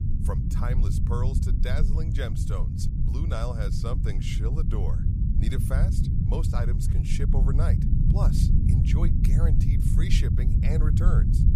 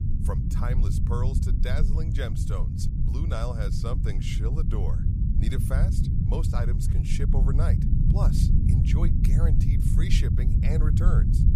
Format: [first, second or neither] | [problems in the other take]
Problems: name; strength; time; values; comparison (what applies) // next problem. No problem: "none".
neither | low rumble; loud; throughout; as loud as the speech; the same in both